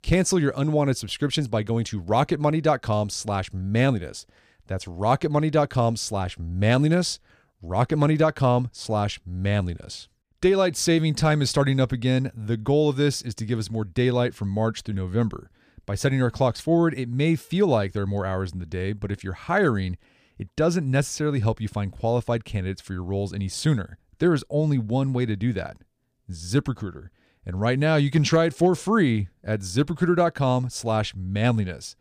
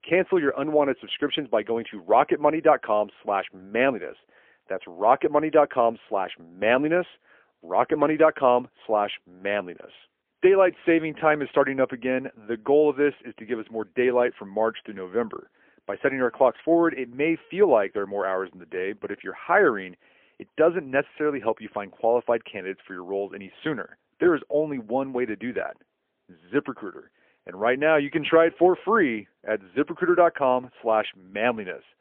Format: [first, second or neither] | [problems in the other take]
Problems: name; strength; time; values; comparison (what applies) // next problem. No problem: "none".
first | phone-call audio; poor line; nothing above 3.5 kHz